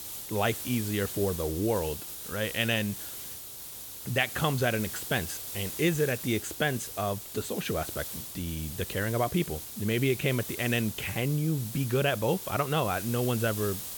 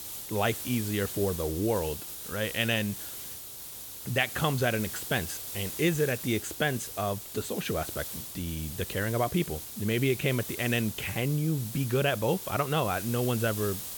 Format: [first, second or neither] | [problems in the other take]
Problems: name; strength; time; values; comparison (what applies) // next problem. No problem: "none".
neither | hiss; loud; throughout; 7 dB below the speech; the same in both